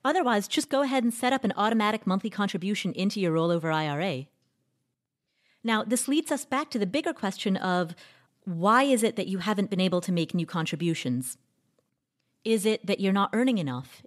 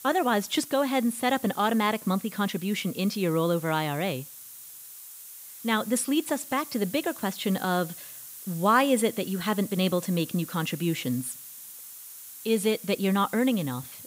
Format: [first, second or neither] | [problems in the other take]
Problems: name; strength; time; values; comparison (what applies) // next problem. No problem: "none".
first | hiss; noticeable; throughout; 15 dB below the speech